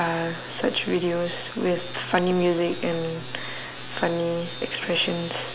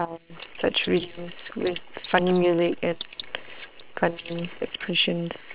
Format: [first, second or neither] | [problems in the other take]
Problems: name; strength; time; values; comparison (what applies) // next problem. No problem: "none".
first | noise reduction (neural separator model SepFormer WHAM!)